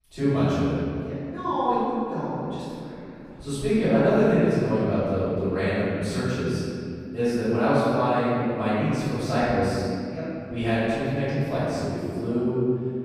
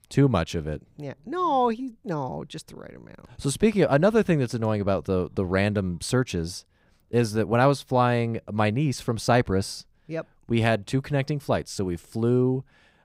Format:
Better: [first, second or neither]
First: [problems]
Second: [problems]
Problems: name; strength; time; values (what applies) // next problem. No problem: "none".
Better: second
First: off-mic speech; far // room echo; strong; dies away in 2.5 s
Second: none